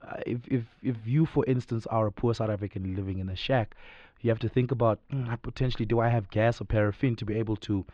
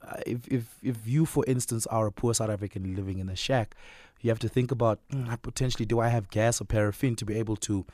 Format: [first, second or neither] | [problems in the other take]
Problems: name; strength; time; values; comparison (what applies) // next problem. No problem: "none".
second | muffled; slightly; fading above 3.5 kHz